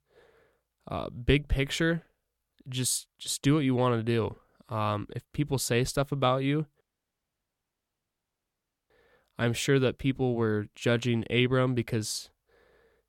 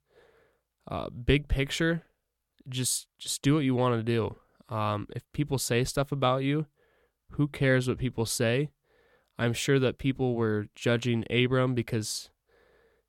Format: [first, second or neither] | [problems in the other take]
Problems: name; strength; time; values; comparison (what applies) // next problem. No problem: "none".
second | audio cutting out; at 7 s for 2 s